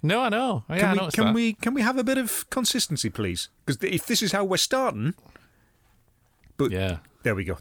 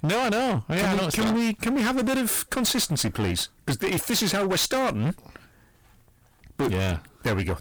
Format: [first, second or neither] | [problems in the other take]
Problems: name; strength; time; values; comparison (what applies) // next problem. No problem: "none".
first | distortion; heavy; 28% of the sound clipped